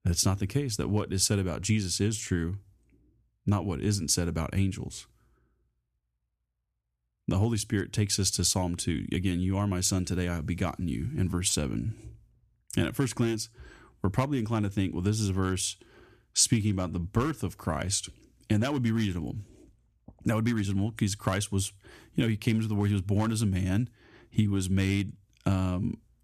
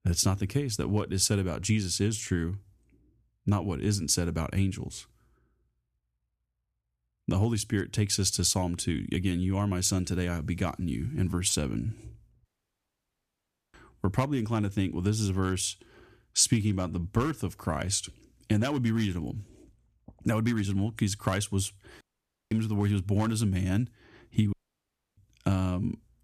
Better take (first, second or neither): first